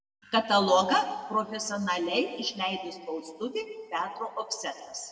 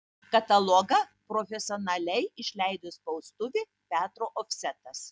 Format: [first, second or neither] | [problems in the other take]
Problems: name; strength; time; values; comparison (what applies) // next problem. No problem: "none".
second | room echo; dies away in 1.3 s